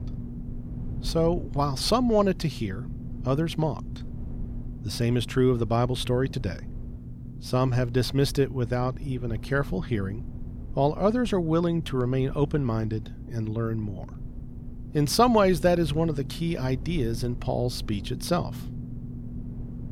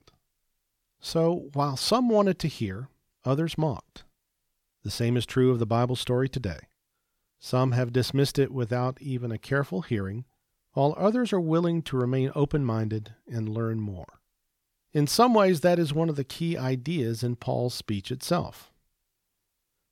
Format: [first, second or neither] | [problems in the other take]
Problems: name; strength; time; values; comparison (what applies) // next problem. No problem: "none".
second | low rumble; faint; throughout; 20 dB below the speech